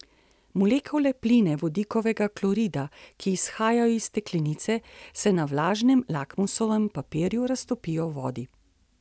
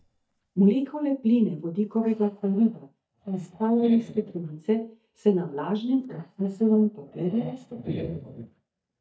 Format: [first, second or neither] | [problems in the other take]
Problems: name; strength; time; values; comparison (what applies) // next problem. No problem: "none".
first | noise reduction (neural mask model DeepFilterNet 3)